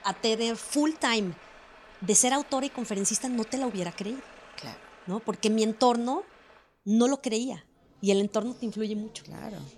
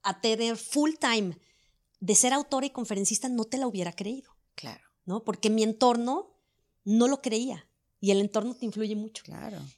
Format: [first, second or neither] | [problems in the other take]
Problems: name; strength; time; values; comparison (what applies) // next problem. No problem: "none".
second | traffic noise; faint; throughout; 25 dB below the speech